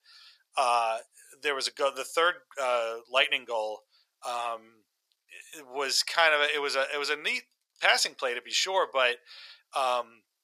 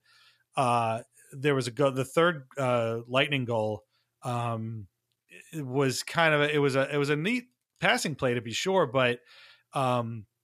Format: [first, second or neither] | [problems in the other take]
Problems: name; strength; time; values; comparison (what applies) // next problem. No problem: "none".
second | thin; very; fading below 550 Hz